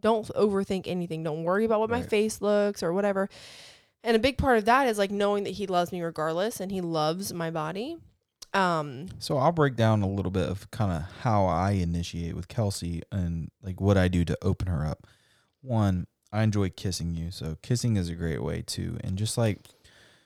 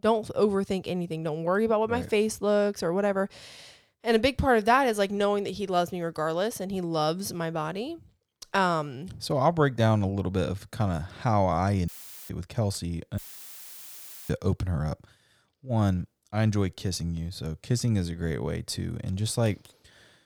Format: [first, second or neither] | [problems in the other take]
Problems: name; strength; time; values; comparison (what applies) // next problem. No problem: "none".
first | audio cutting out; filled with static; at 12 s and at 13 s for 1 s